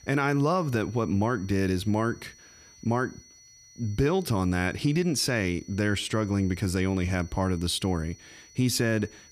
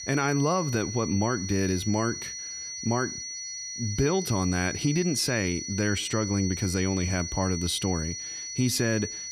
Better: first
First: high-pitched whine; faint; throughout; 6 kHz, 25 dB below the speech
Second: high-pitched whine; loud; throughout; 6 kHz, 6 dB below the speech

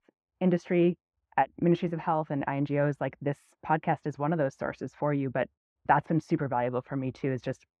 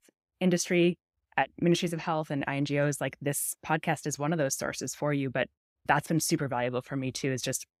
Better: second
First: muffled; very; fading above 1.5 kHz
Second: none

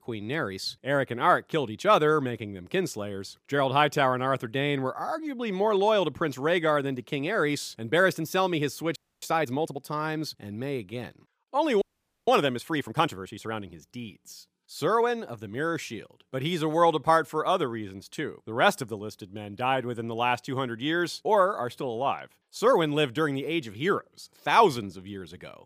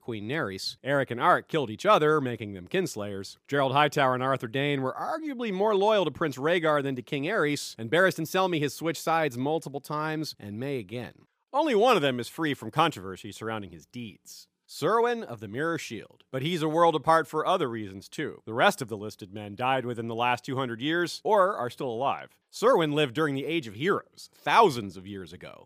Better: second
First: audio freezing; at 9 s and at 12 s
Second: none

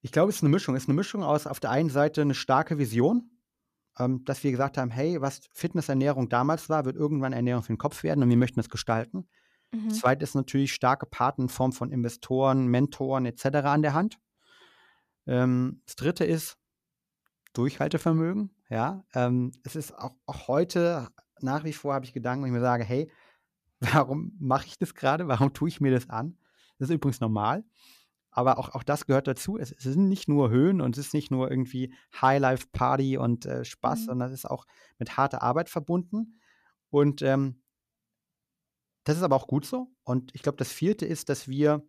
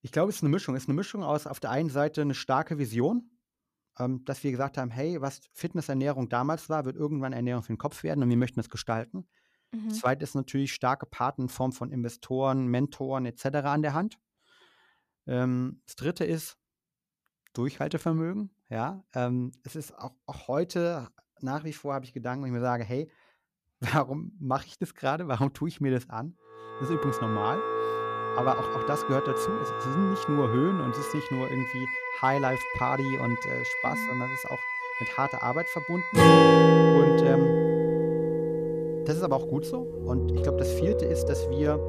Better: first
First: none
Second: background music; very loud; from 27 s on; 5 dB above the speech

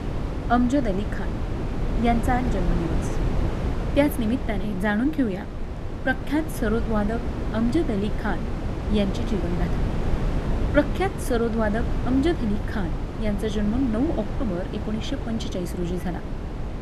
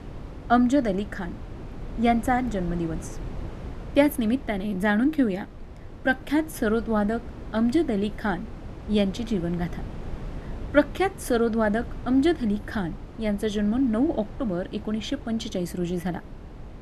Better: second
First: wind noise on the microphone; heavy; 7 dB below the speech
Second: wind noise on the microphone; occasional gusts; 20 dB below the speech

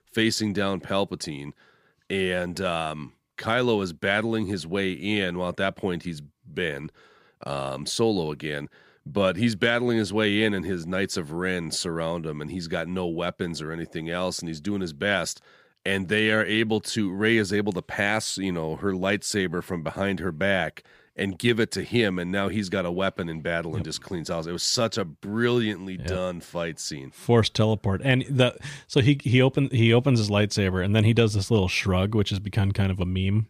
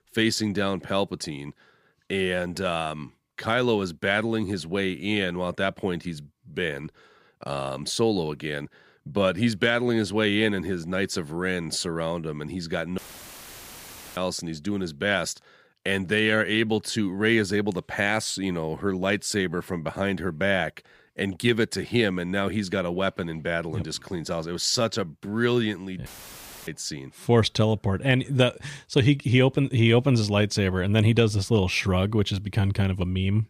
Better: first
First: none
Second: audio cutting out; filled with static; at 13 s for 1 s and at 26 s for 0.5 s

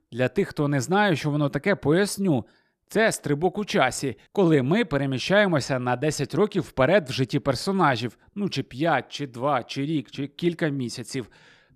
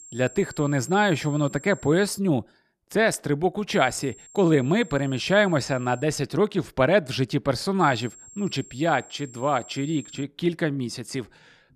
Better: first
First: none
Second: high-pitched whine; faint; until 2 s, from 3.5 to 6 s and from 8 to 10 s; 7.5 kHz, 20 dB below the speech

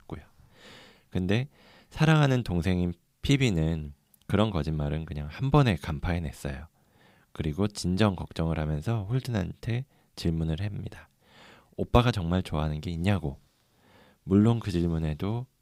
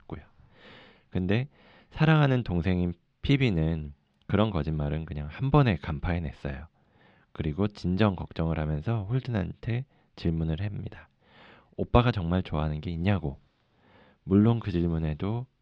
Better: first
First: none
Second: muffled; slightly; fading above 3.5 kHz

